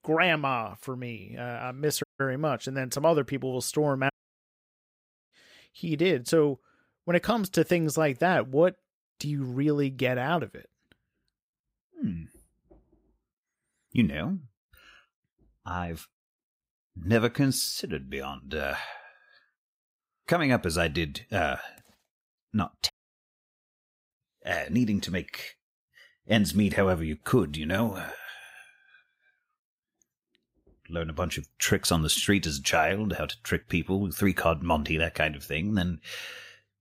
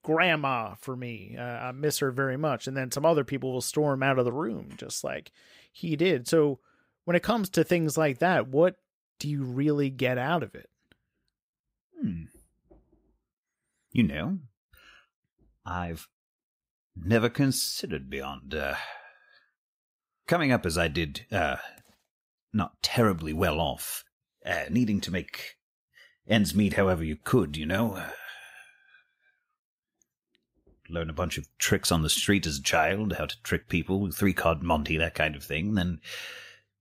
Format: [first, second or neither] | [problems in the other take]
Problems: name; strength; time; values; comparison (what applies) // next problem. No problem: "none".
second | audio cutting out; at 2 s, at 4 s for 1 s and at 23 s for 1 s